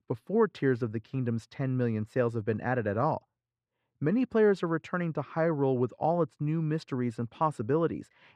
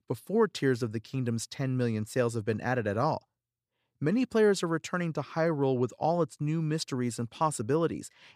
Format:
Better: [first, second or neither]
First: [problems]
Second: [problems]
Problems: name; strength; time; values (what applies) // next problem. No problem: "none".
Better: second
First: muffled; slightly; fading above 4 kHz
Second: none